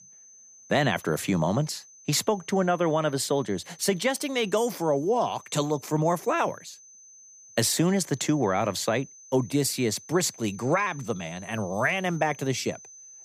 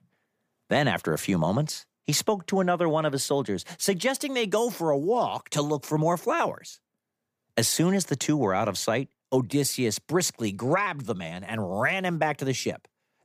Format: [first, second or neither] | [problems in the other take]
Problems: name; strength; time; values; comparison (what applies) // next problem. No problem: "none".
second | high-pitched whine; faint; throughout; 6 kHz, 20 dB below the speech